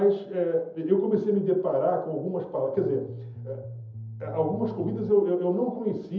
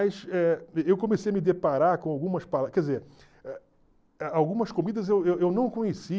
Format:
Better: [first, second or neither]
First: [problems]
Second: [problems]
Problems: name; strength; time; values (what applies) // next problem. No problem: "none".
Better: second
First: background sound (Bass guitar); 12 dB below the speech // room echo; dies away in 0.7 s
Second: none